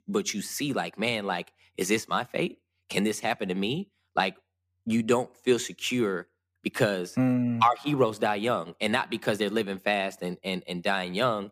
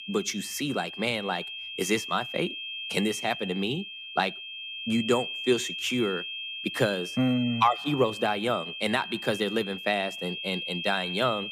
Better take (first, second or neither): first